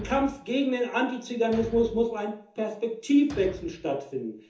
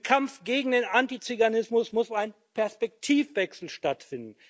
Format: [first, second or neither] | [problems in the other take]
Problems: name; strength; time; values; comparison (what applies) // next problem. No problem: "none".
second | background sound (Thump, thud); 18 dB below the speech // room echo; dies away in 0.6 s